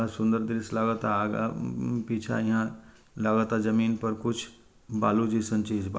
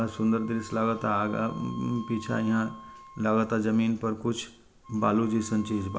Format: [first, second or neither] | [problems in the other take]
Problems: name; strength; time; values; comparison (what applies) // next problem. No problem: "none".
first | background sound (Wind instrument, woodwind instrument); 19 dB below the speech